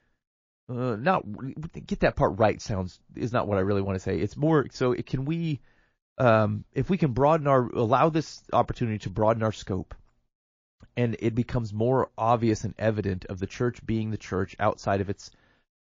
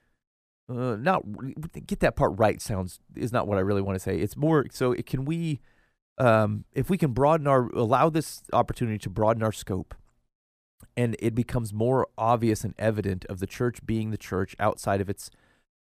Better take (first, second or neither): second